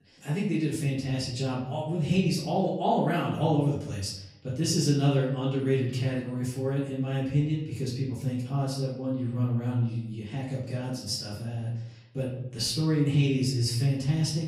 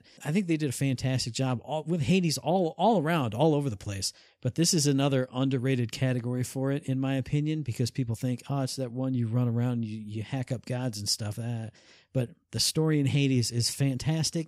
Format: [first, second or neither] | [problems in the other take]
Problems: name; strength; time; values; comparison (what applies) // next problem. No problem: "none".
second | off-mic speech; far // room echo; noticeable; dies away in 0.7 s